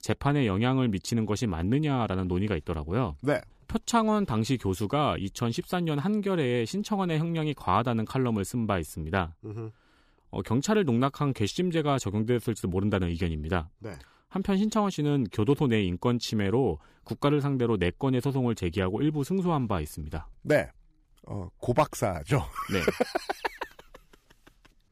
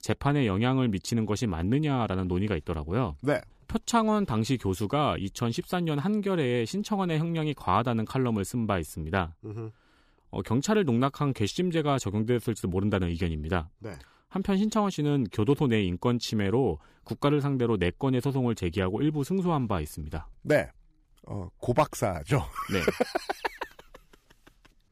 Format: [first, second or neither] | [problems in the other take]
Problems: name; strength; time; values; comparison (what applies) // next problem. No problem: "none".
neither | none